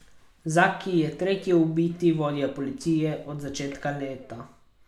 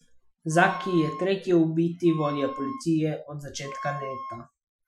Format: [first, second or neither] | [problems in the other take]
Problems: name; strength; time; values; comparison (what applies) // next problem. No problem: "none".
first | noise reduction (classical method Wiener filter)